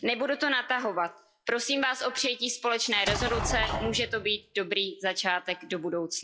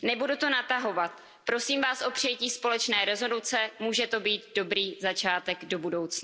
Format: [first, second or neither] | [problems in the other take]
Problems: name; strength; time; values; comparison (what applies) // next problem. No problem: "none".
second | noise reduction (classical method log-MMSE)